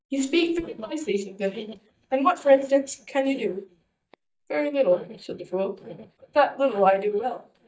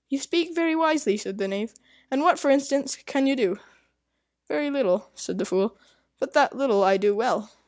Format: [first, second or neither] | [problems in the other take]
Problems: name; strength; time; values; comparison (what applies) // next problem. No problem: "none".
second | noise reduction (neural mask model DeepFilterNet 3)